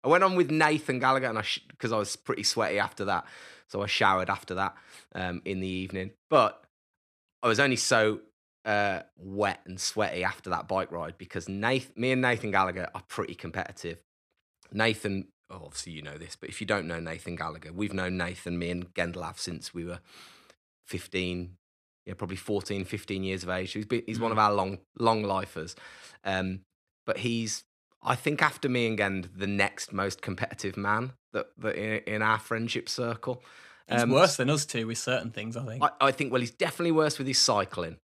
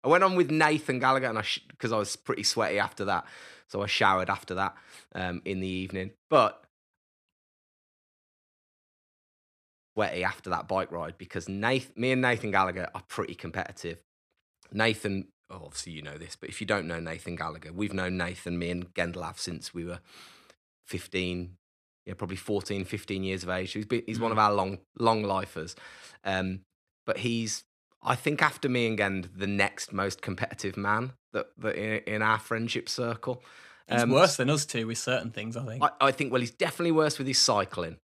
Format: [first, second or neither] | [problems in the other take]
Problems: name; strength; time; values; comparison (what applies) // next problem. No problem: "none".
first | audio cutting out; at 7.5 s for 2.5 s